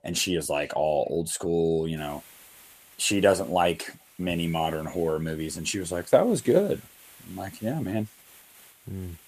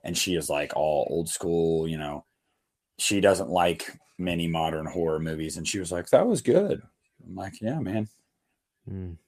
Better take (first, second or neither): second